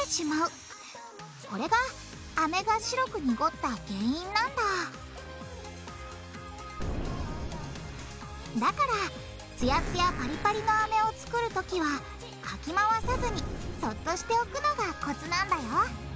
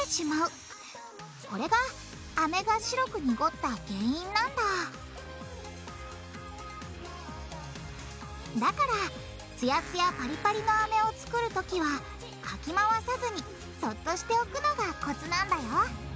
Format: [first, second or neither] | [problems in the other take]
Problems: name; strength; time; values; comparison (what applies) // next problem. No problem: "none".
second | background sound (Boom); 7 dB below the speech